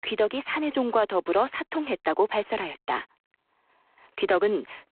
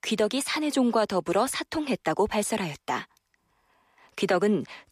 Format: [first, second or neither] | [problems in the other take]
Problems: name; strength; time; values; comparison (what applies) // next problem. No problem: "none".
second | phone-call audio; poor line